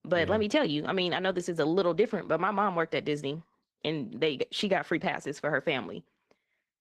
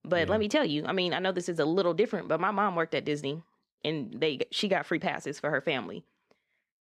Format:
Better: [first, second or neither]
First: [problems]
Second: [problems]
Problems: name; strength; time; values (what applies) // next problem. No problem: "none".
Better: second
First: garbled, watery; slightly; nothing above 14.5 kHz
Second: none